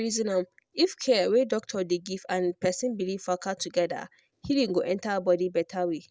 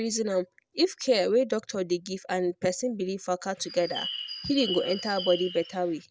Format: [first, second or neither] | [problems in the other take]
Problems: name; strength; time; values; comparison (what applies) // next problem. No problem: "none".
first | background sound (Bird); 9 dB below the speech